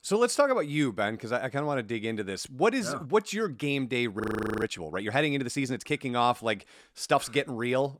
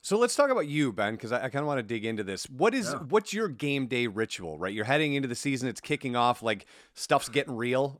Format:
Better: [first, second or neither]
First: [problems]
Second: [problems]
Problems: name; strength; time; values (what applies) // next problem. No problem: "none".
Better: second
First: audio freezing; at 4 s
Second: none